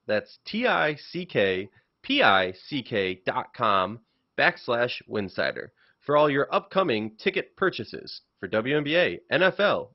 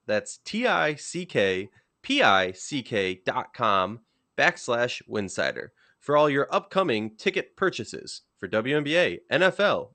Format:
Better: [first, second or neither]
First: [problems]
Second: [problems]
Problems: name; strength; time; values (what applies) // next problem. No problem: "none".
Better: second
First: garbled, watery; badly; nothing above 5.5 kHz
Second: garbled, watery; slightly; nothing above 8.5 kHz